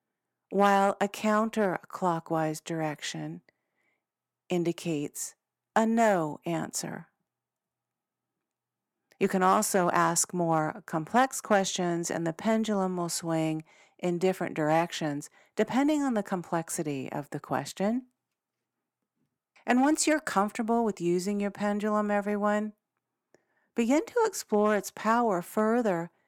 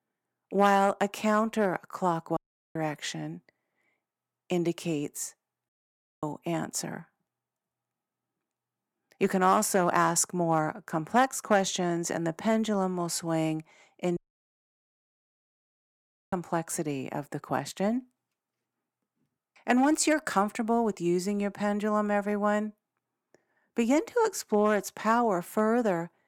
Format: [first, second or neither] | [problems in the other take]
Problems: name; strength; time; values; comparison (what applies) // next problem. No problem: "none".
first | audio cutting out; at 2.5 s, at 5.5 s for 0.5 s and at 14 s for 2 s